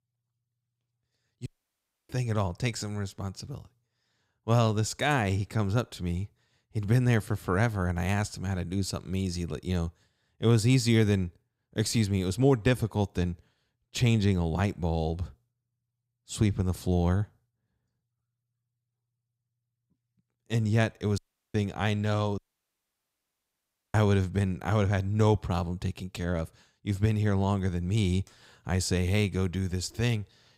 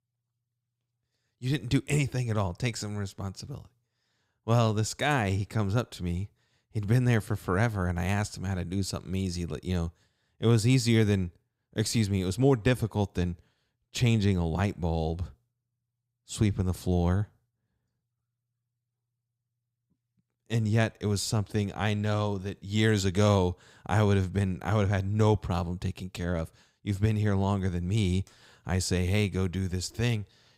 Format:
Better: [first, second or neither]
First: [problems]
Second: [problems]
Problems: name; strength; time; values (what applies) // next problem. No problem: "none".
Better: second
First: audio cutting out; at 1.5 s for 0.5 s, at 21 s and at 22 s for 1.5 s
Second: none